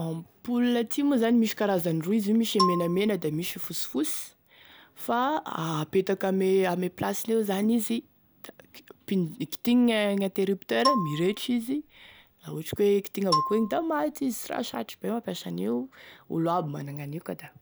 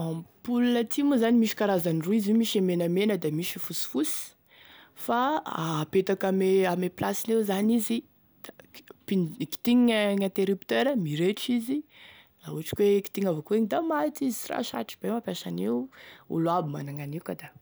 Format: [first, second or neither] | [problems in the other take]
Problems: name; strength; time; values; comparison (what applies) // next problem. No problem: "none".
second | background sound (Marimba, xylophone); 5 dB below the speech